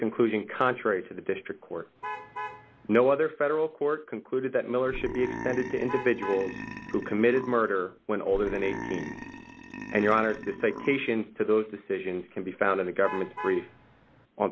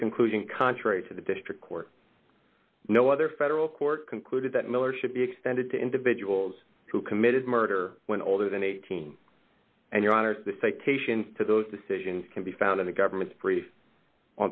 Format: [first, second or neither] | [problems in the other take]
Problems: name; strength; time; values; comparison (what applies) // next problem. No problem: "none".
second | background sound (Burping, eructation + Alarm / Truck); 11 dB below the speech